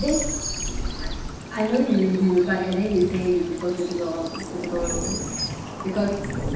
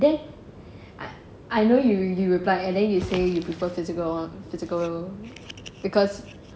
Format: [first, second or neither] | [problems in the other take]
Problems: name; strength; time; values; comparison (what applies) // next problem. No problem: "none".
second | background sound (Stream / Bird vocalization, bird call, bird song); 6 dB below the speech // room echo; dies away in 0.9 s